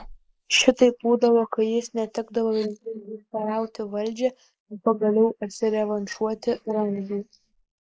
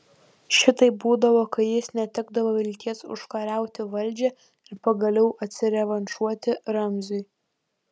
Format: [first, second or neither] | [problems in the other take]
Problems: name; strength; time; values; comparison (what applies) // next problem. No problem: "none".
second | noise reduction (neural mask model Resemble Enhance denoiser)